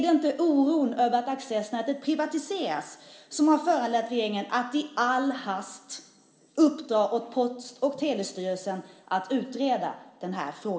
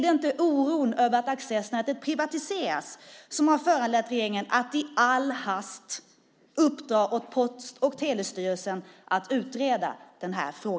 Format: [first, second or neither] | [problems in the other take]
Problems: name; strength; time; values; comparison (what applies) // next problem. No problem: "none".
second | room echo; dies away in 2 s